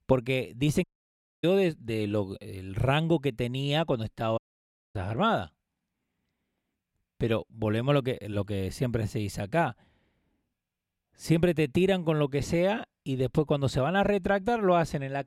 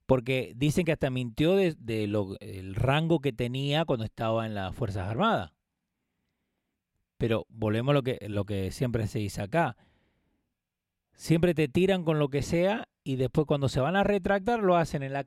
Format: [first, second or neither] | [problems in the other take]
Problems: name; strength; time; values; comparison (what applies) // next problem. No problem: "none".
second | audio cutting out; at 1 s for 0.5 s and at 4.5 s for 0.5 s